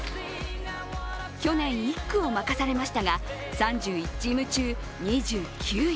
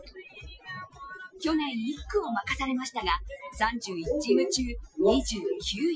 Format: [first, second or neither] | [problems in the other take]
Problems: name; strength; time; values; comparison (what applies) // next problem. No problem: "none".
first | noise reduction (classical method Wiener filter)